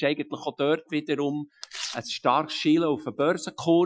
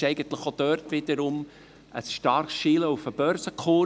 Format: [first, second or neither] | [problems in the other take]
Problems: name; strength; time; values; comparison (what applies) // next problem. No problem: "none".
second | noise reduction (classical method Wiener filter)